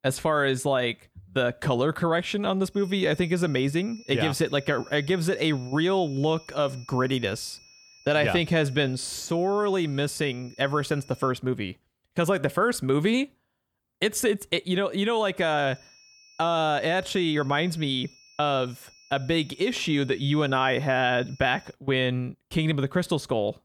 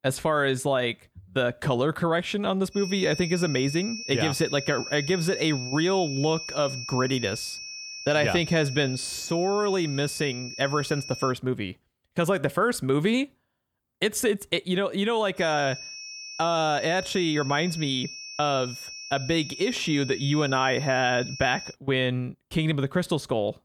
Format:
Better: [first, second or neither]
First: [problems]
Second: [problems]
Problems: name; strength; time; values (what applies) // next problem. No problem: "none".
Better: first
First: high-pitched whine; faint; from 3 to 11 s and from 15 to 22 s; 5.5 kHz, 25 dB below the speech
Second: high-pitched whine; loud; from 3 to 11 s and from 15 to 22 s; 5.5 kHz, 10 dB below the speech